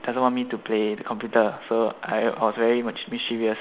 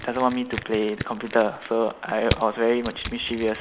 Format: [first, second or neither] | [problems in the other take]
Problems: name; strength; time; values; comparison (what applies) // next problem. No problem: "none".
first | background sound (Crushing); 10 dB below the speech